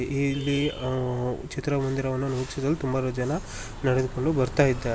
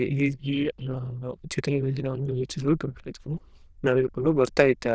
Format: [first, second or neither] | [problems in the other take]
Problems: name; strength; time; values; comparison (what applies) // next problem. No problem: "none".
first | noise reduction (neural diffusion model UNIVERSE++)